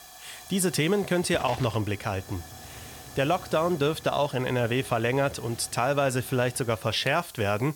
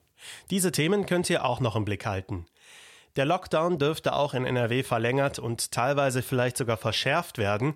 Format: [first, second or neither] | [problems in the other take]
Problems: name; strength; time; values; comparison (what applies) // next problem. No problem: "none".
second | hiss; noticeable; throughout; 15 dB below the speech